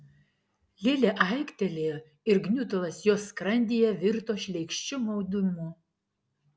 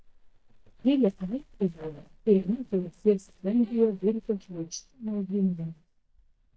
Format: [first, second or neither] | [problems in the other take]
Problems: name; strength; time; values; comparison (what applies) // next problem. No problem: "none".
first | noise reduction (neural mask model DeepFilterNet 3)